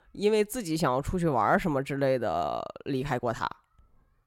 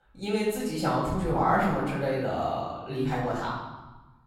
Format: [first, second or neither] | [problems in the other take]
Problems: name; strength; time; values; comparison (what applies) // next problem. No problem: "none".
first | room echo; noticeable; dies away in 1.1 s // off-mic speech; far